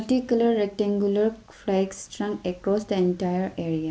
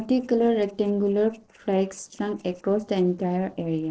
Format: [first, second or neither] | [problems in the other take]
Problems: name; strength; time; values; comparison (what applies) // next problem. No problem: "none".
first | noise reduction (neural separator model SepFormer DNS4)